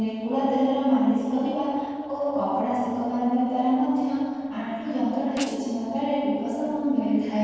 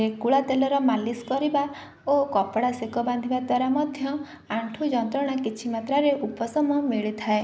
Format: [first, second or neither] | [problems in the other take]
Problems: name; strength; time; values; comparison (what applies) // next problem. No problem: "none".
second | noise reduction (neural separator model SepFormer DNS4)